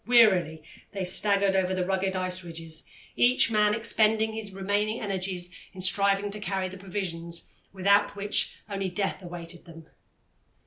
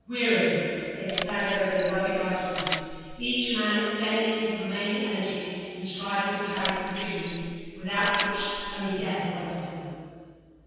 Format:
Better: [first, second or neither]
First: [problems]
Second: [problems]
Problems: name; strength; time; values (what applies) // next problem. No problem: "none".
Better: first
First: none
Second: background sound (Camera); 8 dB below the speech // room echo; dies away in 2.1 s